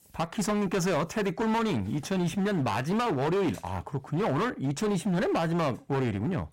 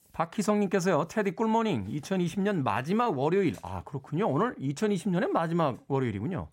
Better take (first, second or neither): second